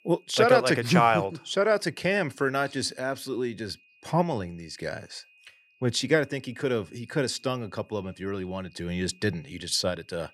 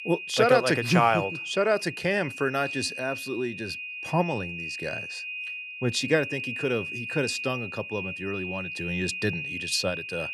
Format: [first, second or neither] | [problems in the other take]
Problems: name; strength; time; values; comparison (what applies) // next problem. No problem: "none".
first | high-pitched whine; loud; throughout; 2.5 kHz, 6 dB below the speech; faint in the first